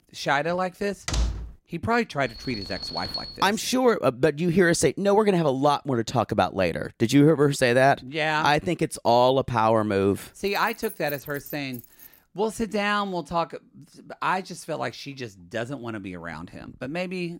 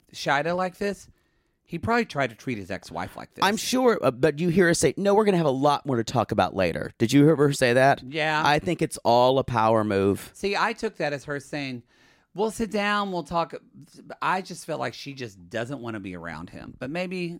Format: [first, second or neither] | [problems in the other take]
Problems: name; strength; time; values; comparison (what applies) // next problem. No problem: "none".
second | door banging; noticeable; at 1 s; peak 4 dB below the speech // alarm; noticeable; from 2.5 to 3.5 s; peak 6 dB below the speech // jangling keys; faint; from 10 to 12 s; peak 15 dB below the speech